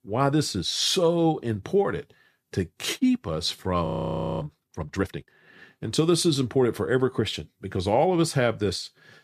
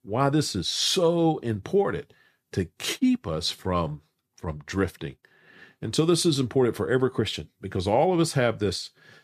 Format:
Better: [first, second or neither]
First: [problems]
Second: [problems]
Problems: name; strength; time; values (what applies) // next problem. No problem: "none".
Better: second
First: audio freezing; at 4 s for 0.5 s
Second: none